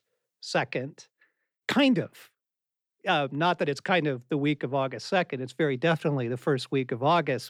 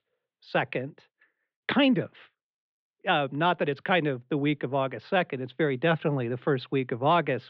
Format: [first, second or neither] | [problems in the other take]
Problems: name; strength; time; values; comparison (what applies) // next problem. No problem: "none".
first | muffled; slightly; fading above 3.5 kHz